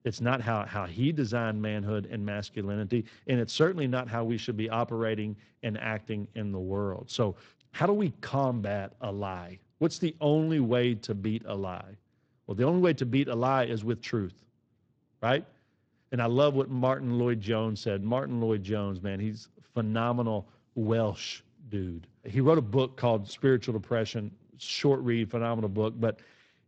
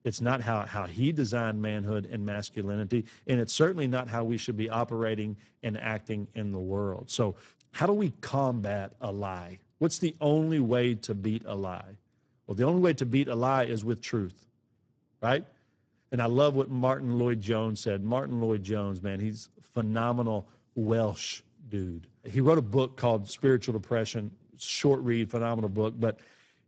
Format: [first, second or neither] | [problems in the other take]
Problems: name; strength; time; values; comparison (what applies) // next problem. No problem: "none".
first | garbled, watery; badly; nothing above 7.5 kHz; slightly in the first